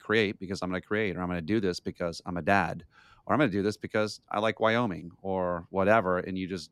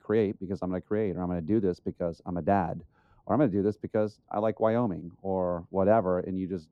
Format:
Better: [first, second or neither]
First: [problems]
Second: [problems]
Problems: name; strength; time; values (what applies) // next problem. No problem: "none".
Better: first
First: none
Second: muffled; very; fading above 1 kHz